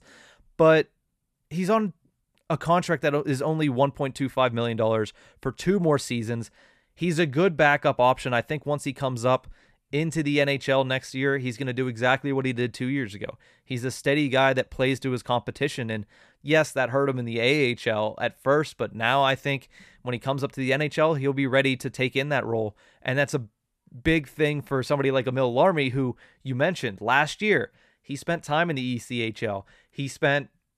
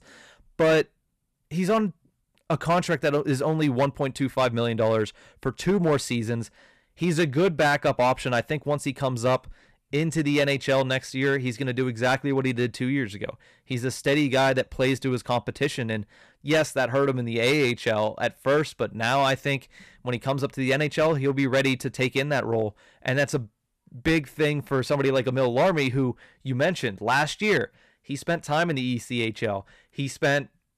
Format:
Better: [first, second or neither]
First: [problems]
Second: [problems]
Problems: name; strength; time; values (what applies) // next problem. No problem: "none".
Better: first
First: none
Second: distortion; slight; 5% of the sound clipped